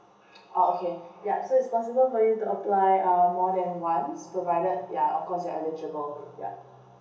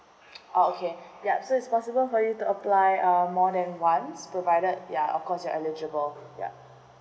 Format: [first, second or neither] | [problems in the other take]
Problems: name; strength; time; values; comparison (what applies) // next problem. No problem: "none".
second | room echo; dies away in 0.8 s